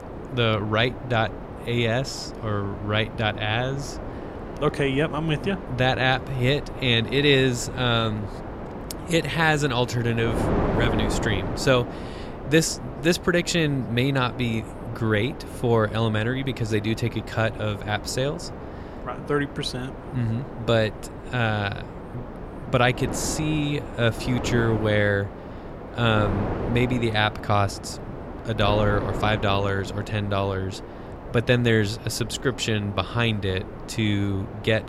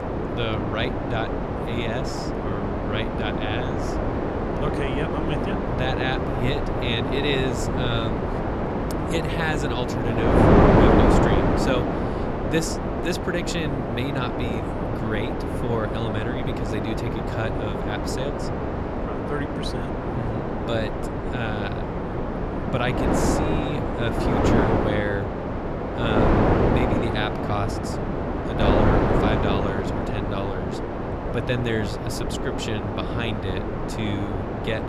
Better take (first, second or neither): first